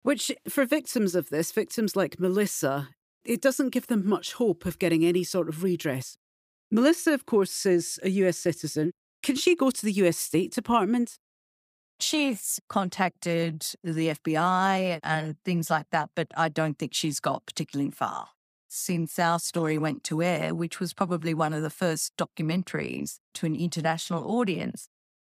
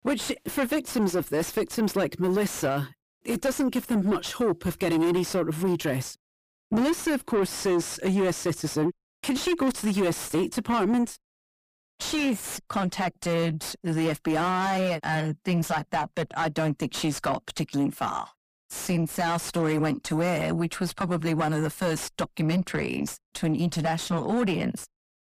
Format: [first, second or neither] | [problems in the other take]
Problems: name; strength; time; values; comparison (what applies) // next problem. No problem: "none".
first | distortion; heavy; 7 dB below the speech